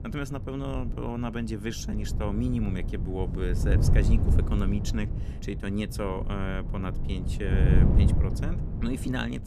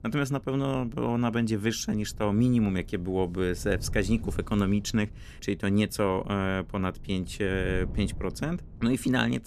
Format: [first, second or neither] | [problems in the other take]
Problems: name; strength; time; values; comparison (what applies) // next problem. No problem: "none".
second | wind noise on the microphone; heavy; 5 dB below the speech; occasional gusts in the second